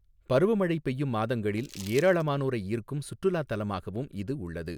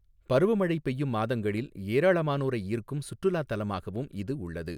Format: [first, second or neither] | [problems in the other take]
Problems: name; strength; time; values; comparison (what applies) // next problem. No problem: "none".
second | background sound (Crumpling, crinkling); 18 dB below the speech